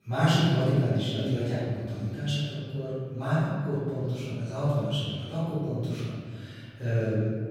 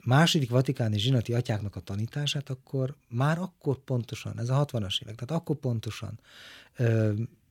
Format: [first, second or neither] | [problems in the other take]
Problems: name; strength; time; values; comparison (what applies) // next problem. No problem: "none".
second | off-mic speech; far // room echo; strong; dies away in 1.8 s